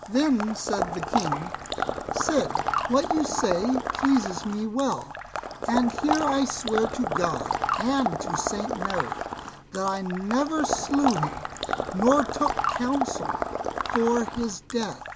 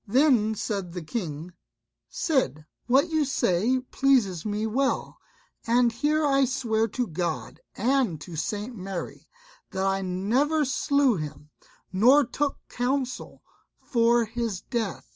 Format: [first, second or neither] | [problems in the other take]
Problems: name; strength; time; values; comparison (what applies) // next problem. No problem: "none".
second | background sound (Water / Liquid); 2 dB below the speech